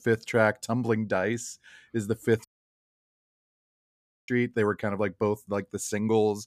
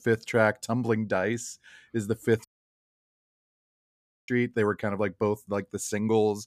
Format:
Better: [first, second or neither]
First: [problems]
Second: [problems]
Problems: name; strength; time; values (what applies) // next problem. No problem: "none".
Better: neither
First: audio cutting out; at 2.5 s for 2 s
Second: audio cutting out; at 2.5 s for 2 s